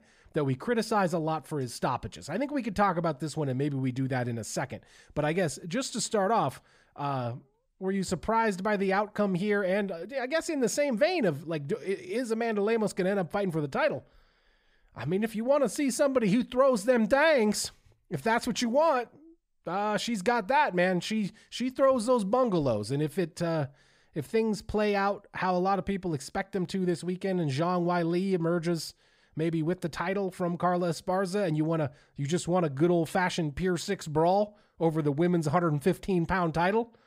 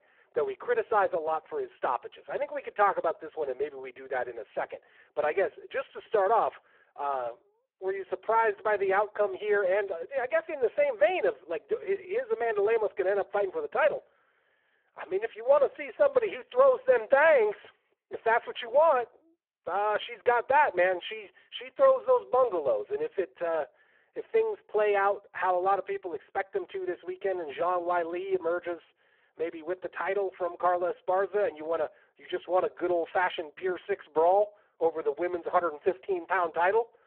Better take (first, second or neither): first